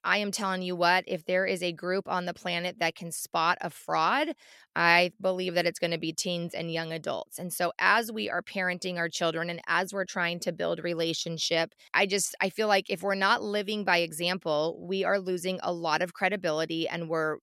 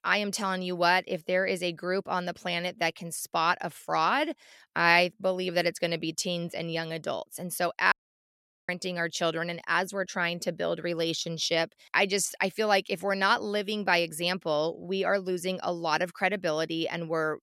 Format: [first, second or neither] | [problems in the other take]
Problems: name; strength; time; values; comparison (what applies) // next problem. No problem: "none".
first | audio cutting out; at 8 s for 1 s